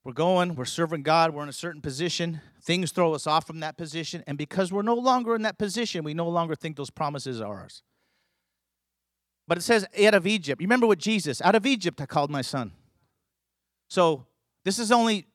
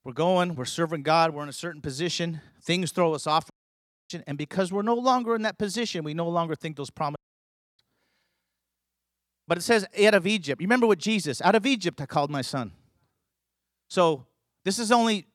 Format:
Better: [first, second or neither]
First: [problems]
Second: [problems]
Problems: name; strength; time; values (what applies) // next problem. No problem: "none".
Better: first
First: none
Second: audio cutting out; at 3.5 s for 0.5 s and at 7 s for 0.5 s